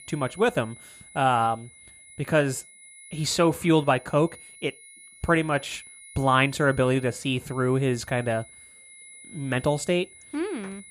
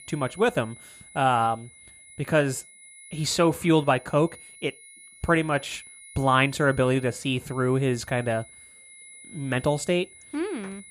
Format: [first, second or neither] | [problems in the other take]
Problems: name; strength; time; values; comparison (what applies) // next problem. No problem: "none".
neither | high-pitched whine; faint; throughout; 2 kHz, 20 dB below the speech; the same in both